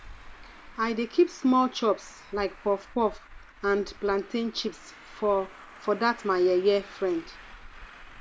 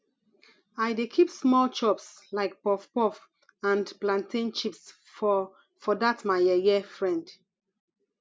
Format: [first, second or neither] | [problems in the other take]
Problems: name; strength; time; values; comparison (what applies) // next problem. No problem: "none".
second | background sound (Traffic noise, roadway noise); 19 dB below the speech